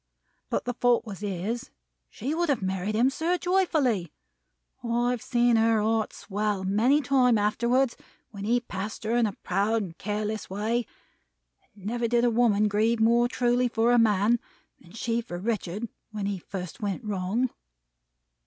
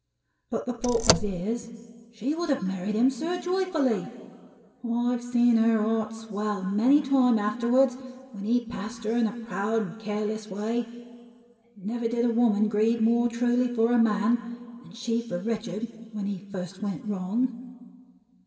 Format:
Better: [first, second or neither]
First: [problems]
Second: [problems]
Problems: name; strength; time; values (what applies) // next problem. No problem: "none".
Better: first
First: none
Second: background sound (Car); 1 dB above the speech // room echo; dies away in 1.8 s